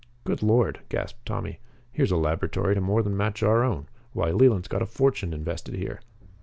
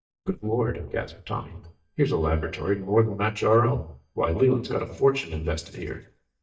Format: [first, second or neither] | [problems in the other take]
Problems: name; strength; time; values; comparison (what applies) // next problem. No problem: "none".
first | noise reduction (neural mask model DeepFilterNet 3)